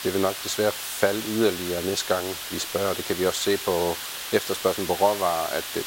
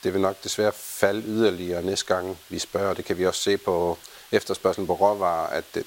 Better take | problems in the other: second | hiss; loud; throughout; 6 dB below the speech; faint in the second

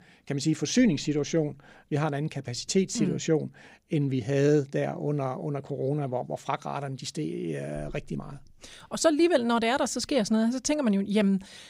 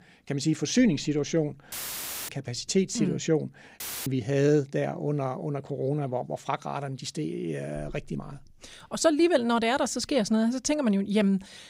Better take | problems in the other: first | audio cutting out; filled with static; at 1.5 s for 0.5 s and at 4 s

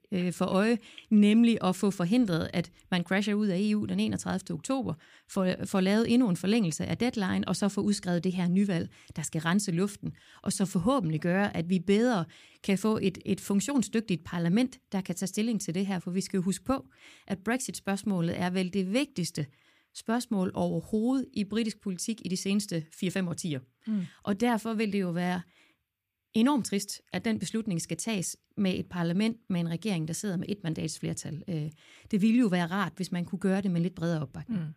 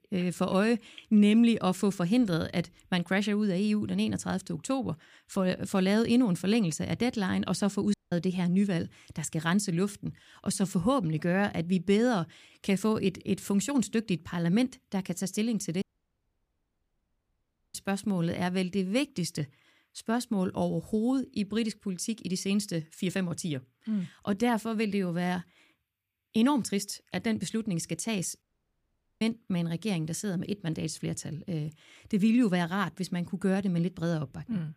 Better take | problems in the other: first | audio cutting out; at 8 s, at 16 s for 2 s and at 28 s for 1 s

